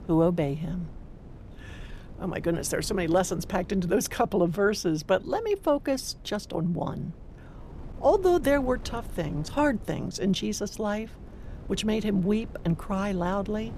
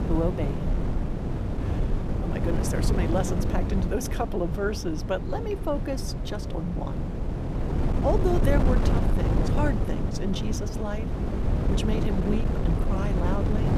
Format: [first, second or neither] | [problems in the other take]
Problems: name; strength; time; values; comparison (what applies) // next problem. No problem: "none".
first | wind noise on the microphone; heavy; 3 dB below the speech; occasional gusts in the first